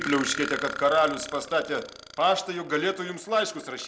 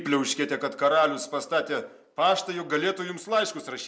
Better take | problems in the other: second | background sound (Burping, eructation); 12 dB below the speech

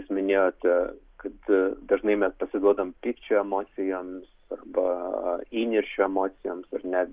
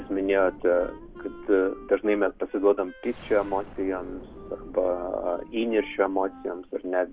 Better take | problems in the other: first | background sound (Wind instrument, woodwind instrument + Explosion); 17 dB below the speech

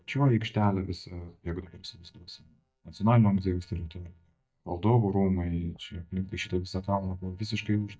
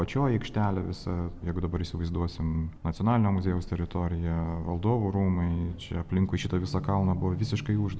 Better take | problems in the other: second | noise reduction (neural mask model DeepFilterNet 3)

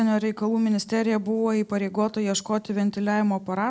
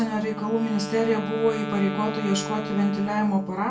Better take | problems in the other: first | background sound (Wind instrument, woodwind instrument); 9 dB below the speech // room echo; dies away in 0.3 s

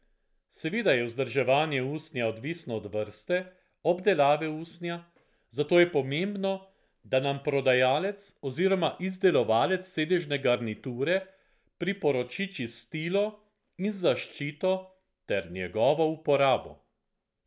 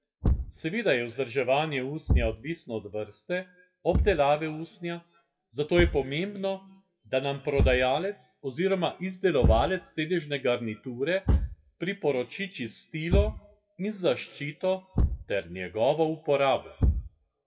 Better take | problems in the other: first | noise reduction (classical method WPE with log-MMSE)

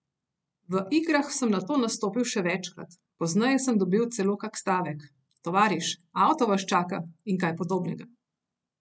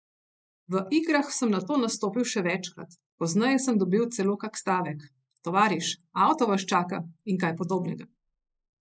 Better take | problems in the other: first | noise reduction (neural mask model Resemble Enhance denoiser)

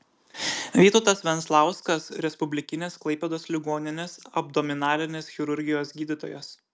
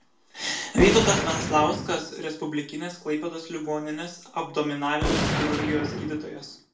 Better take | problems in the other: first | background sound (Gunshot, gunfire); 4 dB below the speech // room echo; dies away in 0.3 s

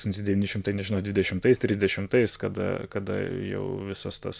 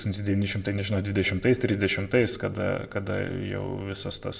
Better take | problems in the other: first | room echo; dies away in 0.8 s

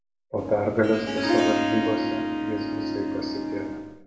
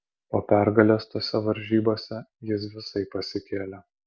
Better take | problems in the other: second | background sound (Harp); 1 dB above the speech // room echo; dies away in 0.9 s

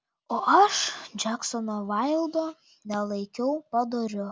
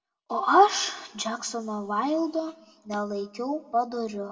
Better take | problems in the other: first | room echo; dies away in 1.4 s

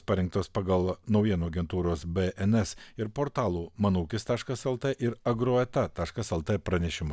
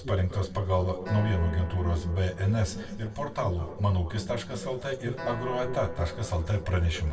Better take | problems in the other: first | background sound (Acoustic guitar); 18 dB below the speech // room echo; dies away in 2.1 s

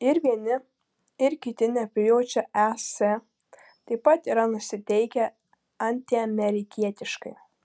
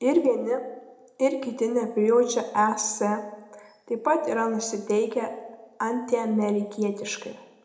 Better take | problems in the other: first | room echo; dies away in 0.6 s

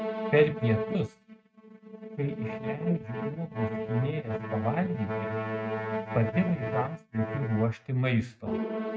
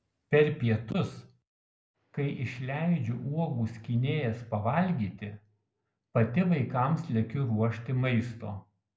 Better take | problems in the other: second | noise reduction (neural mask model RNNoise)

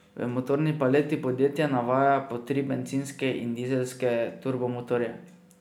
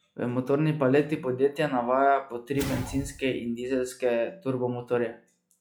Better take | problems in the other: first | noise reduction (classical method log-MMSE)

